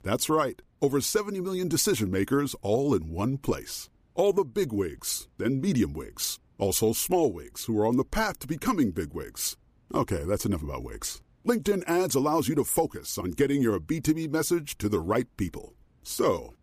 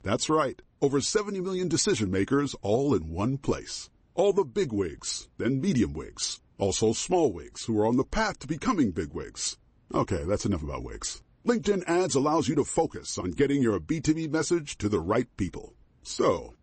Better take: first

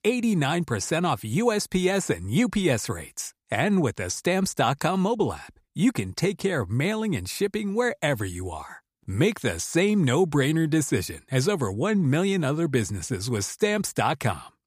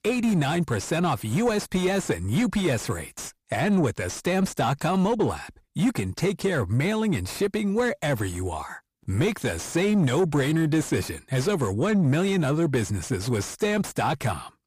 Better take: first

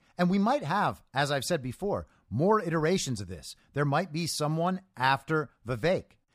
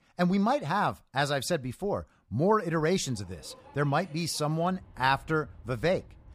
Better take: first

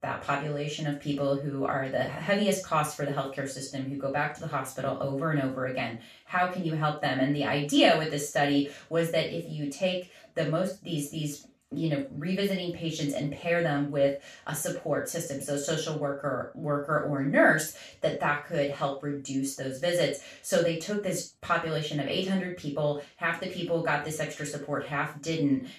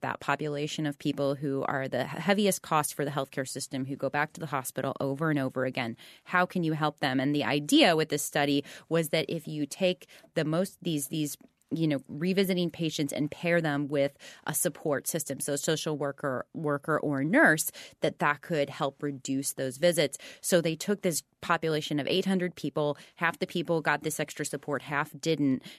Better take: second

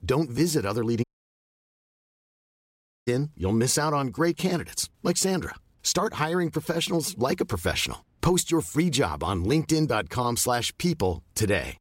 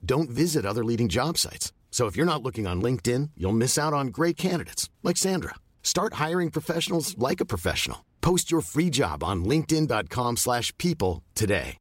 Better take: second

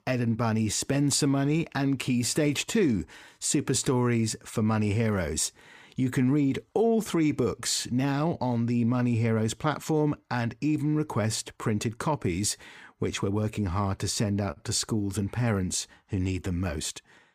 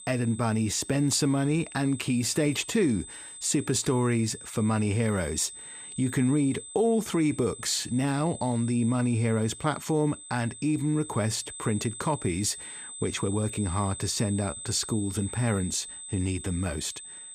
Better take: first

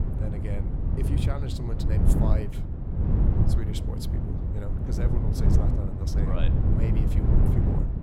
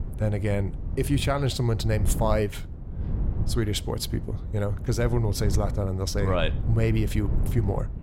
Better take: second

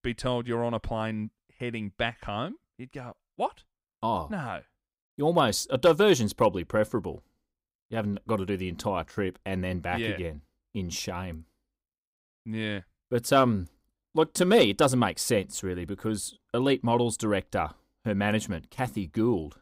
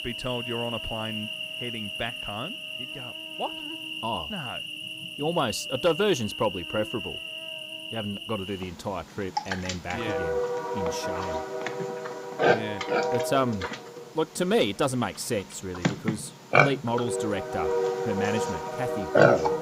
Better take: first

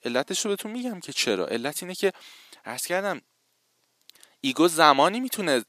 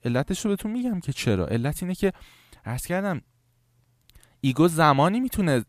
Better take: second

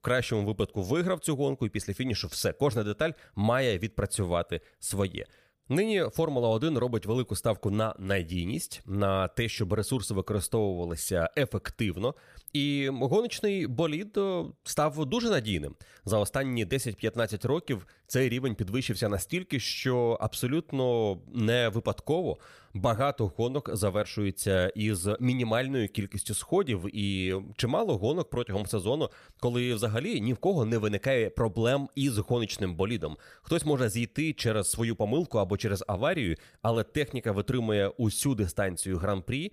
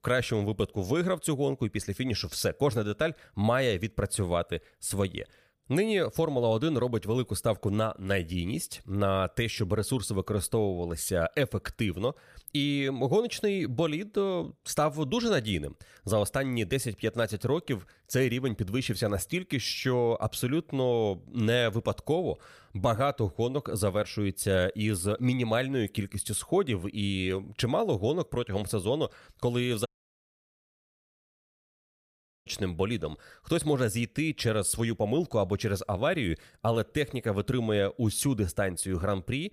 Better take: first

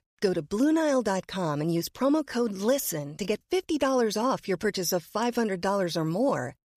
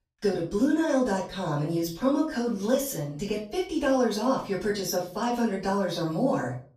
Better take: first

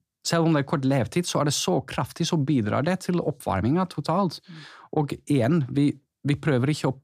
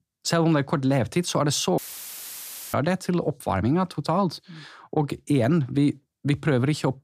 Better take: first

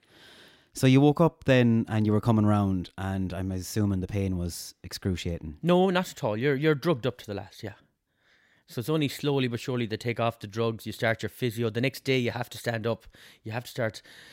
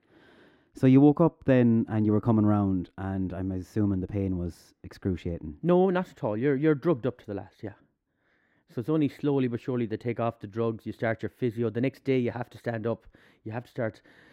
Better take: first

